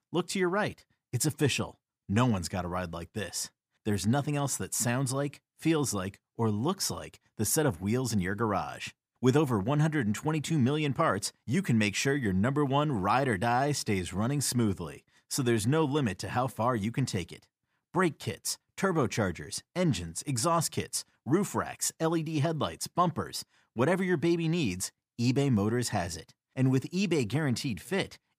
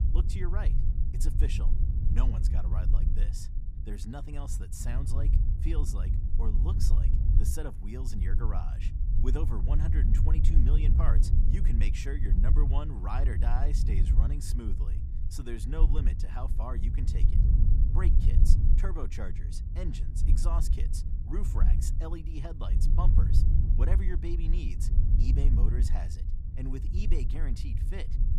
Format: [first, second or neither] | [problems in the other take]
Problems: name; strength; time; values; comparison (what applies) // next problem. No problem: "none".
first | low rumble; loud; throughout; 3 dB below the speech